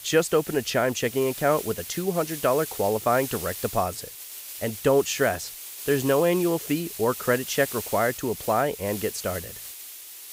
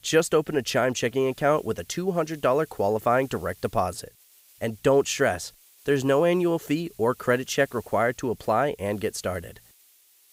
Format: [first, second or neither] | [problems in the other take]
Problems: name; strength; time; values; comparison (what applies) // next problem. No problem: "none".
second | hiss; loud; throughout; 10 dB below the speech; faint in the second